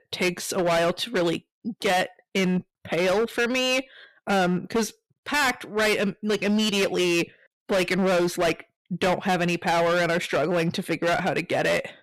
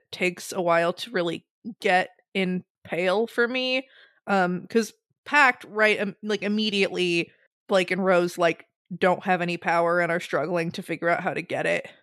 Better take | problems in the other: second | distortion; heavy; 18% of the sound clipped

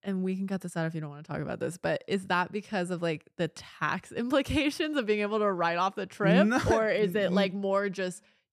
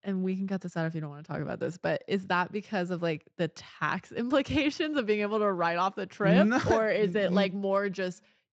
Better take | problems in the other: first | garbled, watery; slightly; nothing above 7.5 kHz

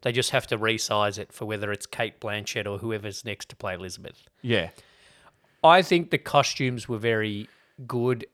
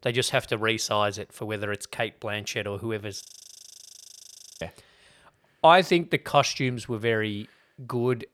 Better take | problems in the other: first | audio freezing; at 3 s for 1.5 s

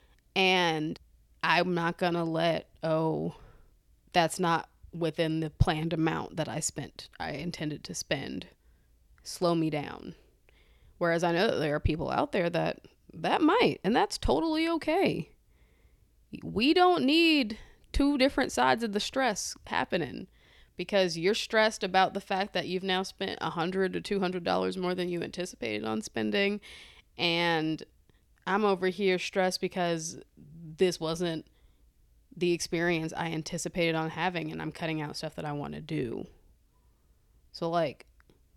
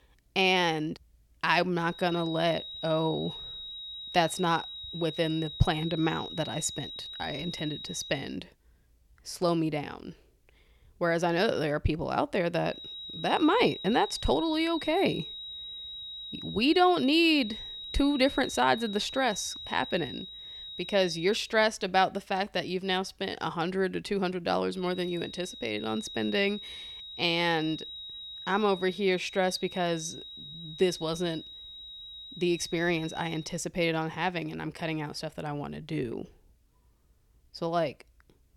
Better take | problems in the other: first | high-pitched whine; noticeable; from 2 to 8 s, from 13 to 21 s and from 25 to 33 s; 4 kHz, 10 dB below the speech

